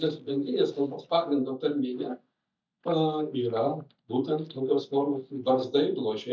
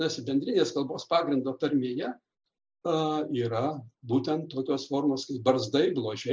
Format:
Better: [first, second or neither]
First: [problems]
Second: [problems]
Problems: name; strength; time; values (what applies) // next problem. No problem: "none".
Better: second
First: noise reduction (neural mask model DeepFilterNet 3)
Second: none